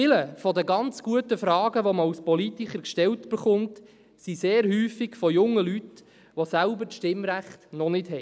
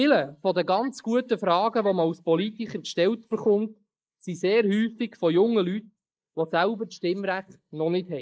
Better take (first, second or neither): first